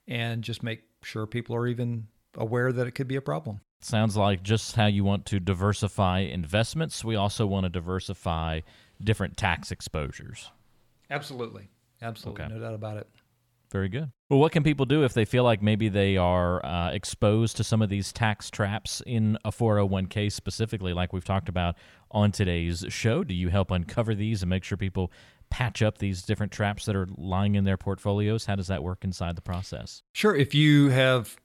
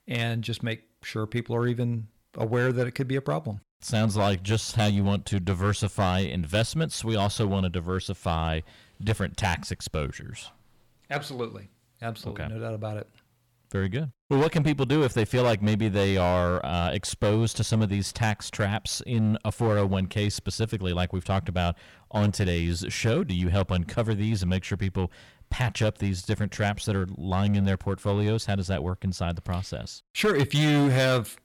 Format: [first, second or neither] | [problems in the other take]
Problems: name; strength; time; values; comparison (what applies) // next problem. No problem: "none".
first | distortion; slight; 6% of the sound clipped